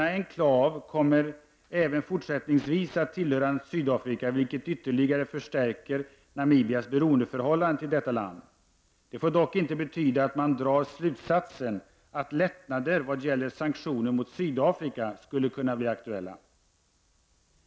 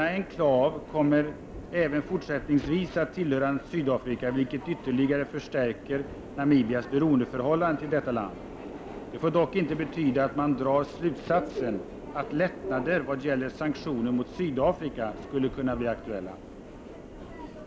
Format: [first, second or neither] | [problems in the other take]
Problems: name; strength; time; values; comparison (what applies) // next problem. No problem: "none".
first | background sound (Subway, metro, underground); 12 dB below the speech